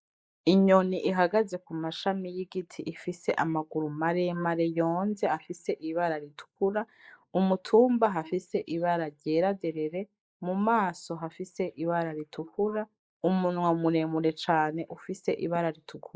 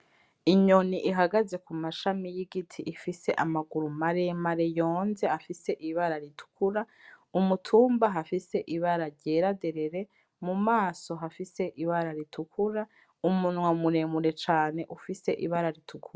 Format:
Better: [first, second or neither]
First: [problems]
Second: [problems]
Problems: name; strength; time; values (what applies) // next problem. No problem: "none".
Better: second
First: noise reduction (neural mask model Resemble Enhance denoiser)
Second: none